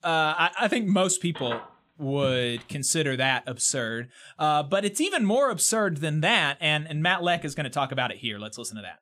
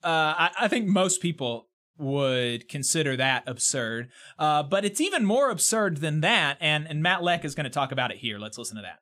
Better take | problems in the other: second | phone ringing; faint; from 1.5 to 3 s; peak 10 dB below the speech

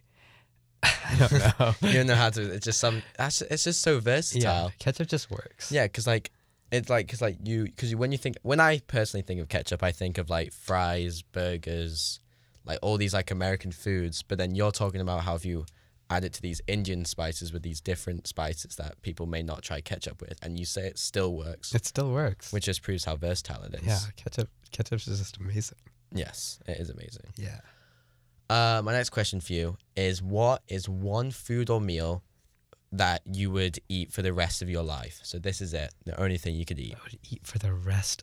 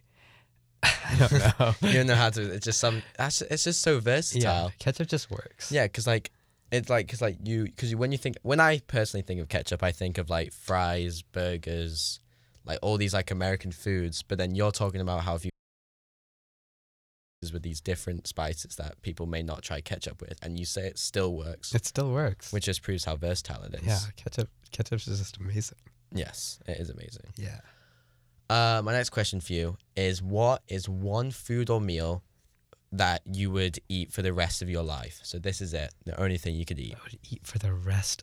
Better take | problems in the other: first | audio cutting out; at 16 s for 2 s

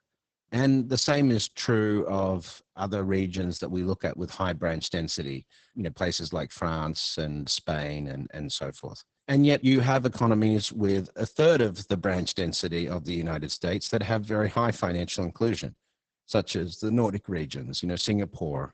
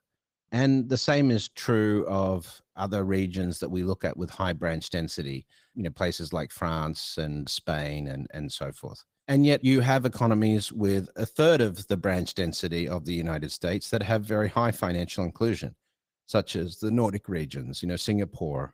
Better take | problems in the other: second | garbled, watery; badly; nothing above 8 kHz; slightly in the second

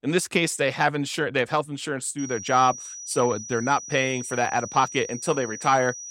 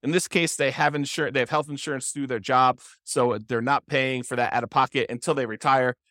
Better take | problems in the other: second | high-pitched whine; noticeable; from 2 s on; 6 kHz, 10 dB below the speech

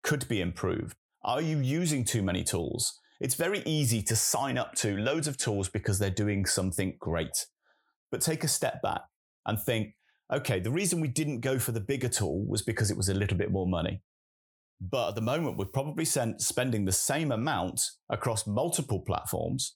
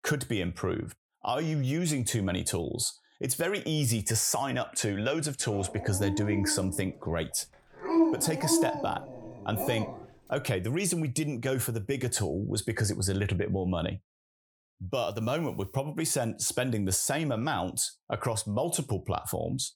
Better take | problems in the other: first | dog barking; loud; from 5.5 to 10 s; peak 4 dB above the speech

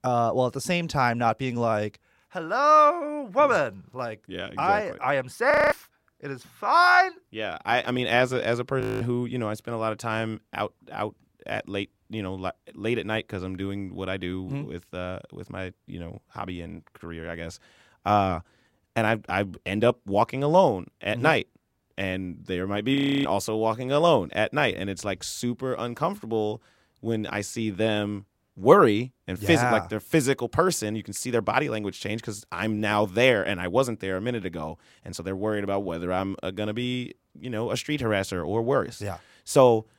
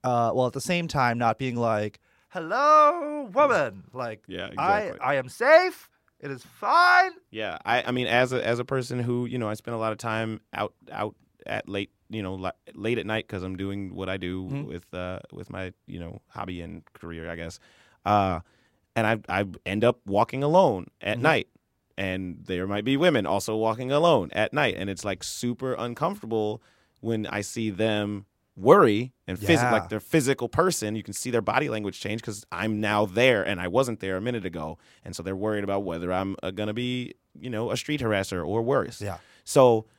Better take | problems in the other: second | audio freezing; at 5.5 s, at 9 s and at 23 s

